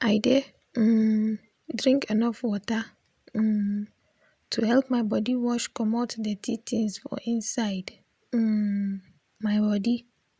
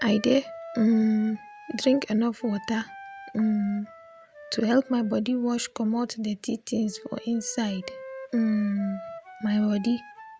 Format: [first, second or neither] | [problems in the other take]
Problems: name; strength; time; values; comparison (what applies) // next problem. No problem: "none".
first | background sound (Wind instrument, woodwind instrument); 18 dB below the speech